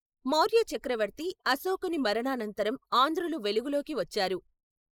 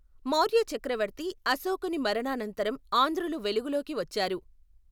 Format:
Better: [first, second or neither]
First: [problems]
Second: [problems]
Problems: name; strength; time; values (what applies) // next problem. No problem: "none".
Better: second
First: noise reduction (neural mask model Resemble Enhance denoiser)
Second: none